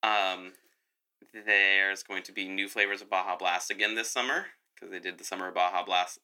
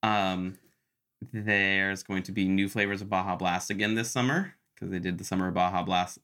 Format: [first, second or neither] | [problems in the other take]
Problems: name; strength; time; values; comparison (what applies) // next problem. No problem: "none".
second | thin; very; fading below 400 Hz